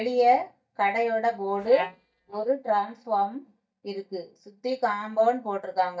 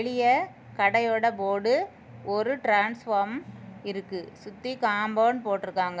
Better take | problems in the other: second | noise reduction (neural mask model DeepFilterNet 3)

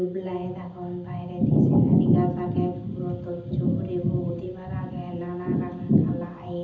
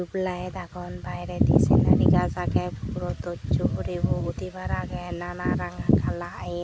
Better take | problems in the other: second | room echo; dies away in 0.8 s

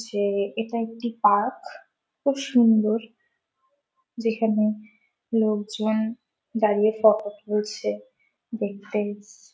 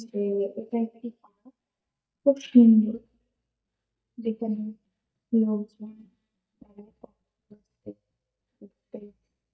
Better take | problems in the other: first | noise reduction (neural mask model DeepFilterNet 3)

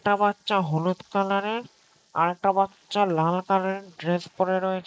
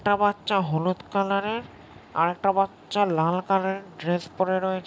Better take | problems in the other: second | noise reduction (neural mask model Resemble Enhance denoiser)

